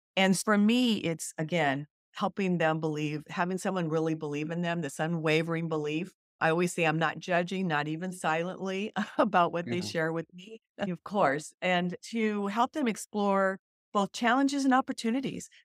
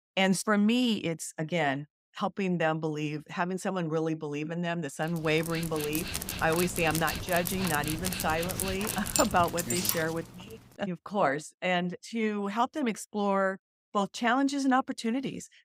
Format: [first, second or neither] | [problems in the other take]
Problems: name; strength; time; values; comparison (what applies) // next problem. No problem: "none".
first | dog barking; loud; from 5.5 to 10 s; peak 1 dB above the speech